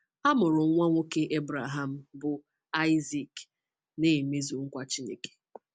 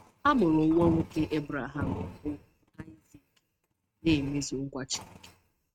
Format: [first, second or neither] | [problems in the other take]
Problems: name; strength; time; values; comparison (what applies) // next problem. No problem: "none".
first | noise reduction (neural mask model RNNoise)